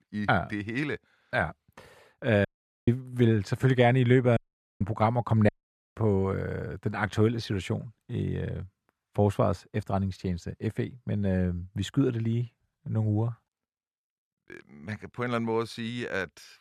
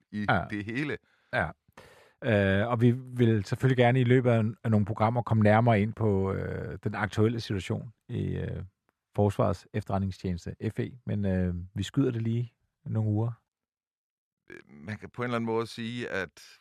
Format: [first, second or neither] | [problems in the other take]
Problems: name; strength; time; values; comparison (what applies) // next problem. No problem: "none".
second | audio cutting out; at 2.5 s, at 4.5 s and at 5.5 s